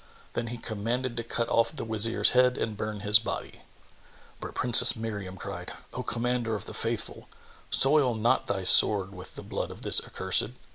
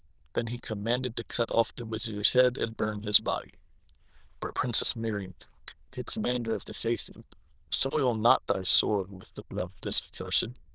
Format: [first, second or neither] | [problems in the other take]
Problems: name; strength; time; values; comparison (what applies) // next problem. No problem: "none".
first | noise reduction (neural diffusion model UNIVERSE++)